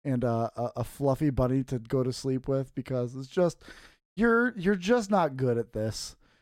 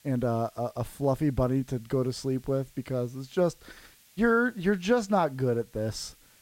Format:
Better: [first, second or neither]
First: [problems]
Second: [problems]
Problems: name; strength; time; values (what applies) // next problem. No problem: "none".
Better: first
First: none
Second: hiss; faint; throughout; 30 dB below the speech